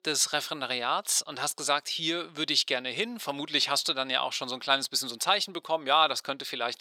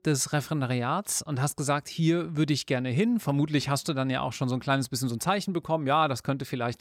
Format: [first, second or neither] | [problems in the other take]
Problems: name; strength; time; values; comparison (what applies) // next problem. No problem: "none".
second | thin; very; fading below 550 Hz